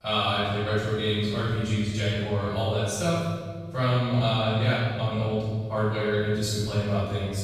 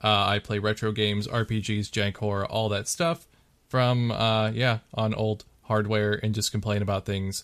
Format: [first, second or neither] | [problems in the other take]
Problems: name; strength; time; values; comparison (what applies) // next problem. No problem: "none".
second | off-mic speech; far // room echo; strong; dies away in 1.9 s